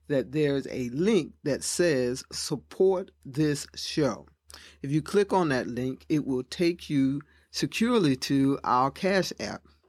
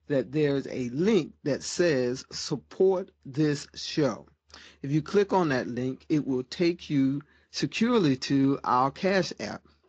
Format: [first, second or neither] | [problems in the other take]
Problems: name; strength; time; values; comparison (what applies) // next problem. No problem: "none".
first | garbled, watery; slightly; nothing above 7.5 kHz